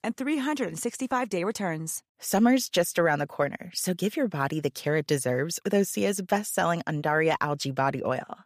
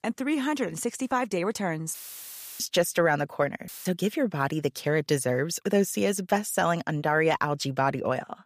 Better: first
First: none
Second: audio cutting out; filled with static; at 2 s for 0.5 s and at 3.5 s

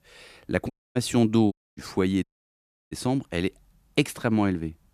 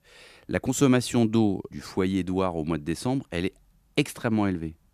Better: second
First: audio cutting out; at 0.5 s, at 1.5 s and at 2 s for 0.5 s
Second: none

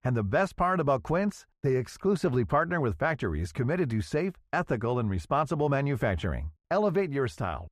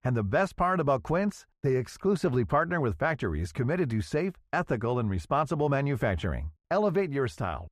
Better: neither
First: muffled; very; fading above 3 kHz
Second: muffled; very; fading above 3 kHz

